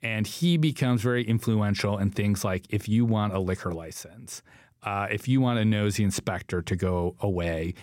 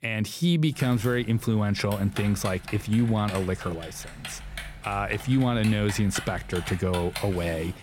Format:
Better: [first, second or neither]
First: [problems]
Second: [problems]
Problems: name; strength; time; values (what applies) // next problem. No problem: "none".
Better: first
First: none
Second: keyboard typing; noticeable; from 0.5 s on; peak 8 dB below the speech